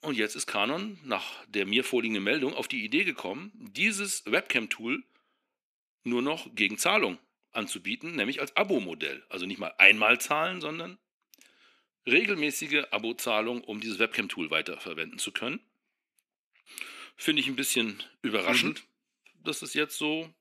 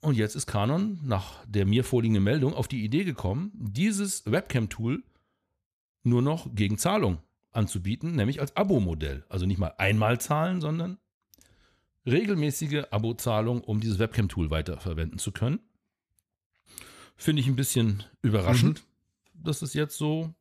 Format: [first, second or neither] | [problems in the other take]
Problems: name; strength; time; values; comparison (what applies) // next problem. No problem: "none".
second | thin; somewhat; fading below 250 Hz